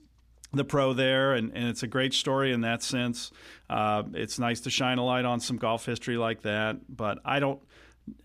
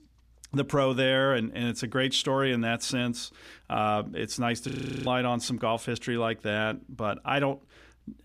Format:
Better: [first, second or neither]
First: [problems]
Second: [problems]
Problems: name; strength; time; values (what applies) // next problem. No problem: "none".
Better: first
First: none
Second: audio freezing; at 4.5 s